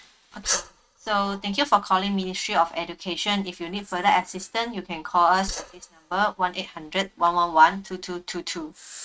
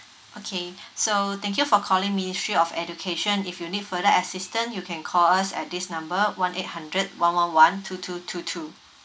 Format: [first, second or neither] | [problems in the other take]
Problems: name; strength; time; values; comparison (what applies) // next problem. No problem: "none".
second | noise reduction (neural mask model RNNoise)